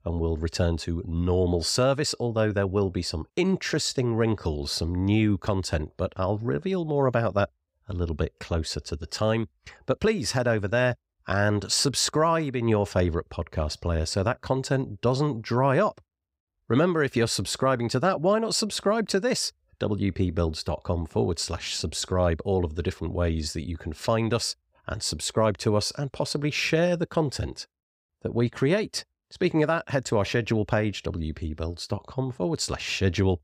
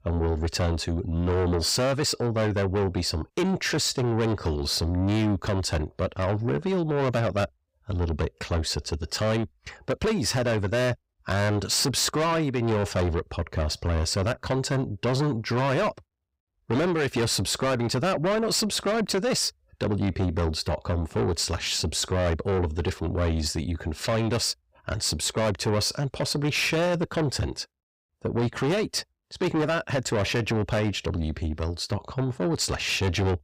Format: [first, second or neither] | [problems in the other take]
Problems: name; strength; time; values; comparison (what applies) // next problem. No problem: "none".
first | distortion; heavy; 7 dB below the speech